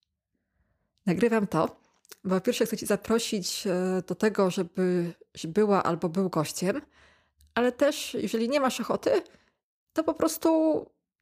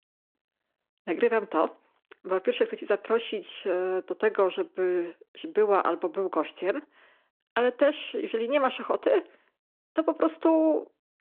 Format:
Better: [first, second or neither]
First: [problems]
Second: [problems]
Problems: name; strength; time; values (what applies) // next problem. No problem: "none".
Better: first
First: none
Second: phone-call audio